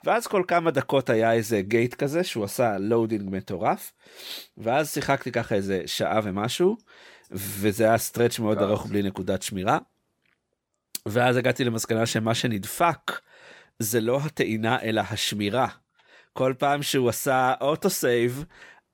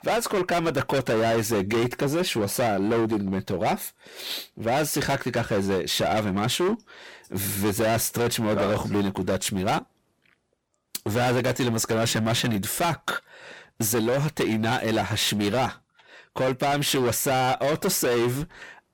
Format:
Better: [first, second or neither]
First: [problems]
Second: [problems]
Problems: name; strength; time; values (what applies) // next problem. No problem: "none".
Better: first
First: none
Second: distortion; heavy; 21% of the sound clipped